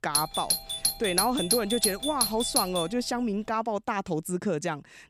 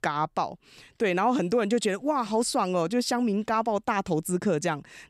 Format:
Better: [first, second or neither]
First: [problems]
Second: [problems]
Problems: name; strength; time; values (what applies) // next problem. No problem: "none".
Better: second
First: doorbell; loud; until 3 s; peak 5 dB above the speech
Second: none